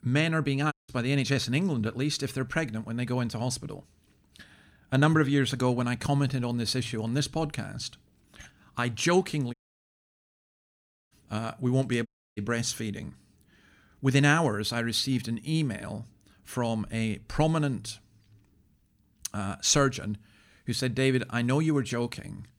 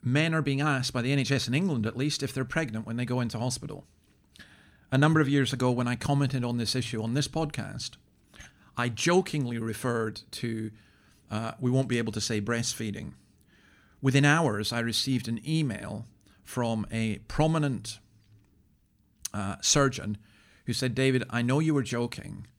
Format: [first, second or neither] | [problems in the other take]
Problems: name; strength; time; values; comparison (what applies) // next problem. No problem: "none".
second | audio cutting out; at 0.5 s, at 9.5 s for 1.5 s and at 12 s